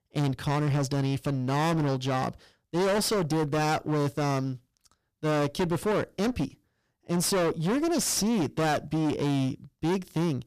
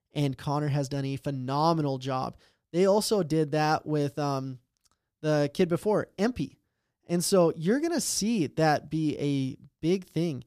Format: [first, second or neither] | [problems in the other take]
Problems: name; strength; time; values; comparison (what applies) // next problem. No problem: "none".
second | distortion; heavy; 28% of the sound clipped